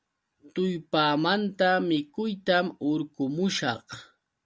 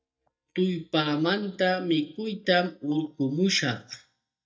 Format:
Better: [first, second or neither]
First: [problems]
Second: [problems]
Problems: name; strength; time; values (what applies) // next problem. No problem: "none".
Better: first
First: none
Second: noise reduction (neural mask model DeepFilterNet 3)